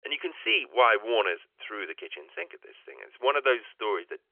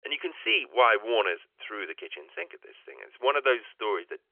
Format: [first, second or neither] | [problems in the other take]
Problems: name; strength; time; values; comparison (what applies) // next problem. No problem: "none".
neither | phone-call audio; nothing above 3 kHz; the same in both